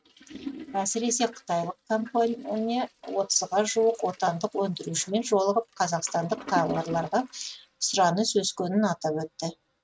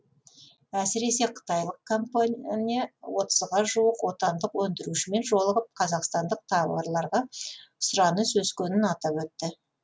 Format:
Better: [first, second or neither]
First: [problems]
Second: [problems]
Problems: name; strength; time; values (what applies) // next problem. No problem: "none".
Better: second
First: noise reduction (neural mask model RNNoise)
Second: none